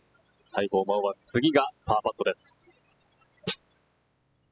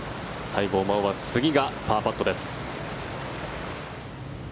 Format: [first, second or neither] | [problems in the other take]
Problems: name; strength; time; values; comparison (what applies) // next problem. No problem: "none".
second | noise reduction (classical method spectral subtraction)